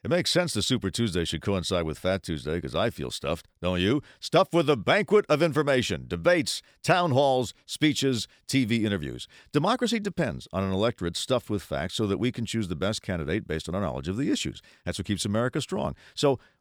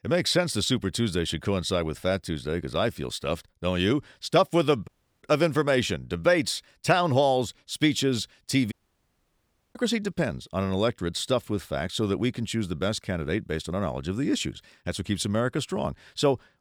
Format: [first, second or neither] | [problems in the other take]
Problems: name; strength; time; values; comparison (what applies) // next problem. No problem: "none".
first | audio cutting out; at 5 s and at 8.5 s for 1 s